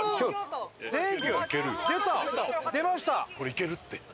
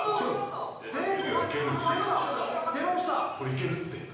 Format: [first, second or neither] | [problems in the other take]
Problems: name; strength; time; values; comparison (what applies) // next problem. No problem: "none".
first | room echo; dies away in 1 s